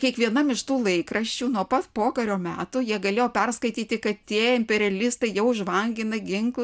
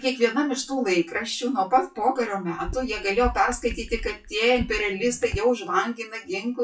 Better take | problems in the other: first | noise reduction (classical method WPE with log-MMSE)

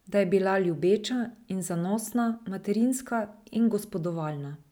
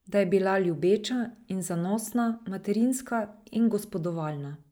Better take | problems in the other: first | noise reduction (neural mask model Resemble Enhance denoiser)

